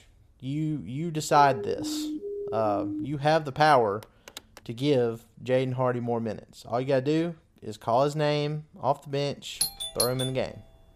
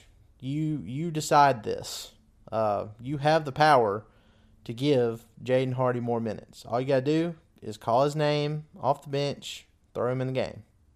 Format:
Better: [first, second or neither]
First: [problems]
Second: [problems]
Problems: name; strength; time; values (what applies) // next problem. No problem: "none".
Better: second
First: siren; noticeable; from 1.5 to 3 s; peak 6 dB below the speech // phone ringing; faint; at 4 s; peak 20 dB below the speech // doorbell; noticeable; at 9.5 s; peak 1 dB below the speech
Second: none